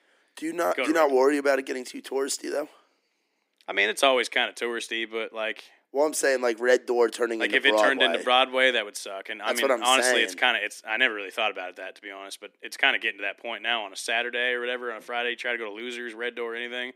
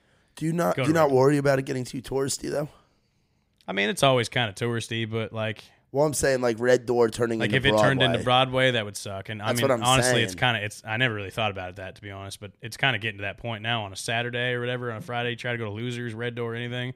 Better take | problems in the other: second | thin; somewhat; fading below 250 Hz

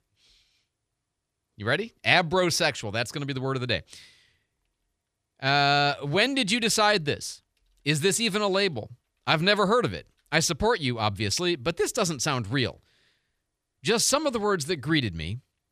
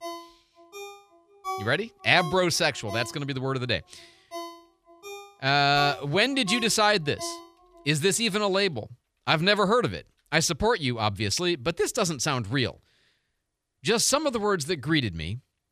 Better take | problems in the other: first | phone ringing; noticeable; until 7.5 s; peak 10 dB below the speech

